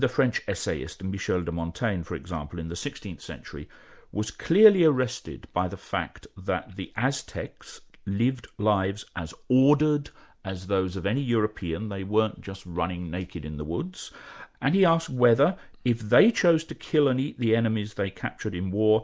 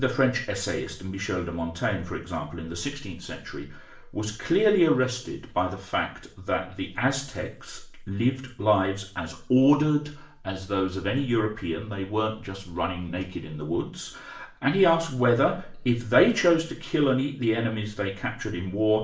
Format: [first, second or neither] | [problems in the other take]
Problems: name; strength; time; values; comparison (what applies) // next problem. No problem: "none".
first | room echo; dies away in 0.4 s